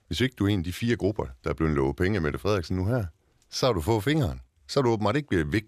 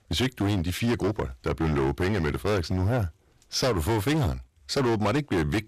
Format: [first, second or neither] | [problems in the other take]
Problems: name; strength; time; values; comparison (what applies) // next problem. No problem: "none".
first | distortion; heavy; 17% of the sound clipped